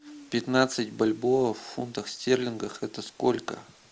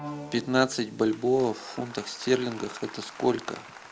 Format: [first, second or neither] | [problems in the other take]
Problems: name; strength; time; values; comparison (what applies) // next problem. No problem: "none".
first | background sound (Applause); 16 dB below the speech